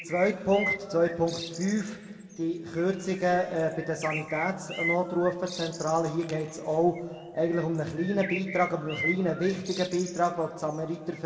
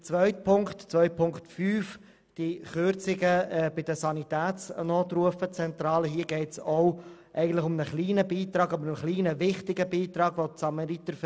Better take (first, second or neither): second